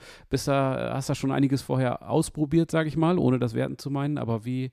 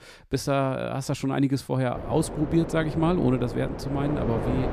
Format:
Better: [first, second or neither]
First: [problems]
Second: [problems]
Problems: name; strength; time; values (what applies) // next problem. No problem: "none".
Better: first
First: none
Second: wind noise on the microphone; heavy; from 2 s on; 6 dB below the speech